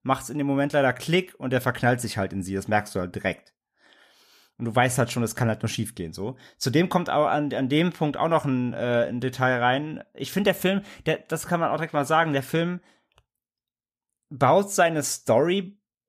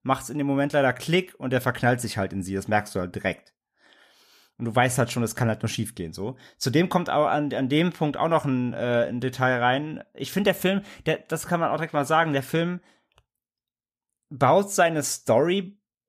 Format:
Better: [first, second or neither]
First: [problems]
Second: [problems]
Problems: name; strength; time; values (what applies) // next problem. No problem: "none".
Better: neither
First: none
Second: none